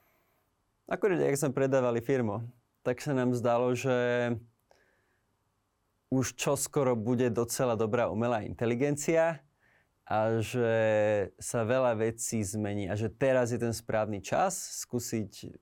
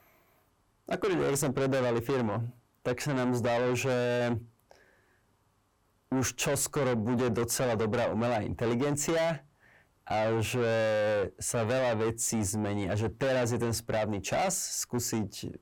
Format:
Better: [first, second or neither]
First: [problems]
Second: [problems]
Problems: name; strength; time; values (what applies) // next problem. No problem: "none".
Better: first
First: none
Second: distortion; heavy; 6 dB below the speech